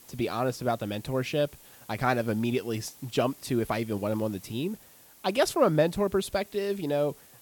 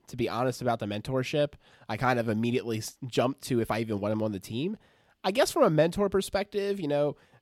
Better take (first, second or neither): second